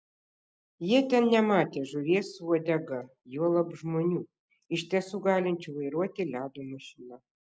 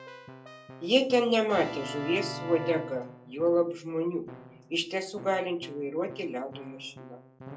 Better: first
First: none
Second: background sound (Keyboard (musical)); 14 dB below the speech // room echo; dies away in 0.2 s

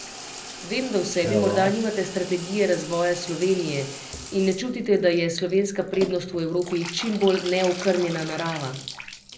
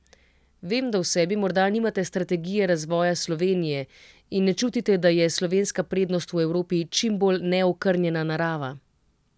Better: second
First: background sound (Bathtub (filling or washing) / Water tap, faucet); 11 dB below the speech // room echo; dies away in 0.5 s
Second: none

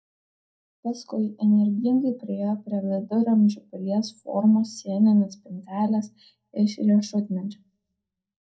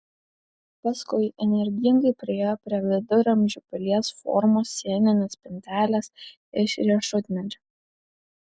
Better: second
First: room echo; dies away in 0.2 s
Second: none

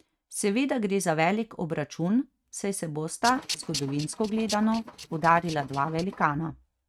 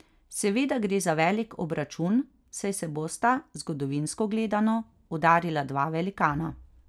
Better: second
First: noise reduction (neural mask model RNNoise)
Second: none

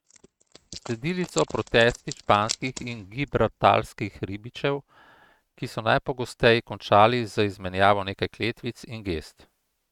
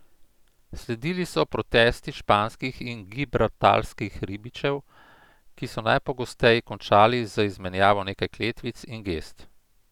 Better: second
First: noise reduction (neural mask model RNNoise)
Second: none

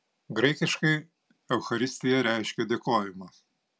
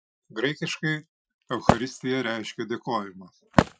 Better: first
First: none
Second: noise reduction (classical method Wiener filter)

